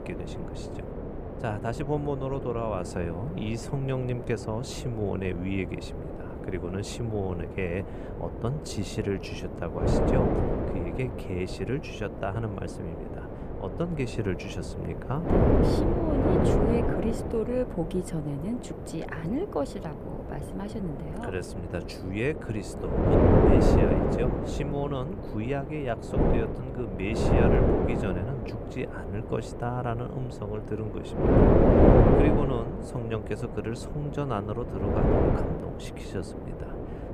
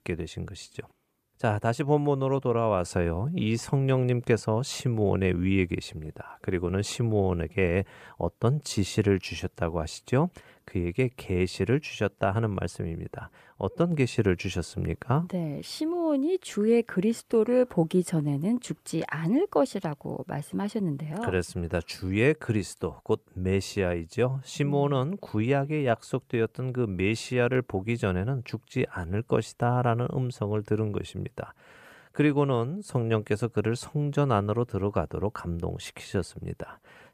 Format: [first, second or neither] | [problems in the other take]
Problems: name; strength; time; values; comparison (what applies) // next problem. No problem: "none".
second | wind noise on the microphone; heavy; 4 dB above the speech